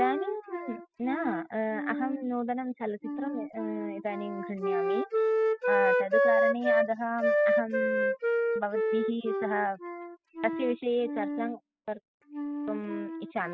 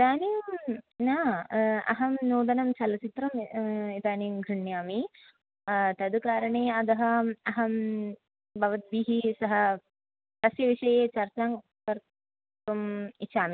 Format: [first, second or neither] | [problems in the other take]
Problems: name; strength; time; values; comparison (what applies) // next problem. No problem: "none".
second | noise reduction (classical method spectral subtraction)